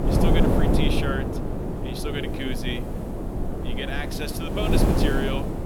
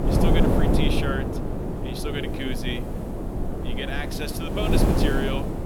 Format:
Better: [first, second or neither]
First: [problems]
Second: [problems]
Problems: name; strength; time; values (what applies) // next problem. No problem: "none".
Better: neither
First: wind noise on the microphone; heavy; 2 dB above the speech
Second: wind noise on the microphone; heavy; 2 dB above the speech